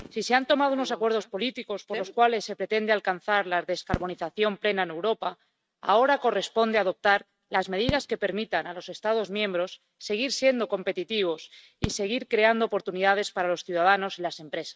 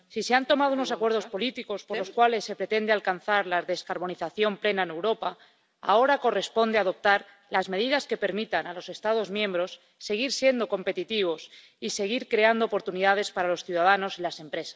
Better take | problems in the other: second | noise reduction (neural mask model RNNoise)

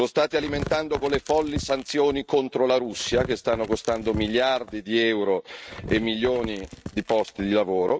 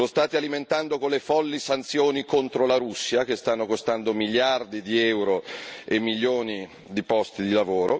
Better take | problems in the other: second | noise reduction (neural mask model RNNoise)

